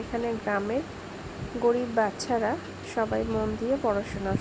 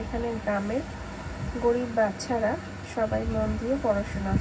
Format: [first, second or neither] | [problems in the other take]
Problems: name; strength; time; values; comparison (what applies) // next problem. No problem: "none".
first | background sound (Domestic sounds, home sounds); 20 dB below the speech // room echo; dies away in 0.4 s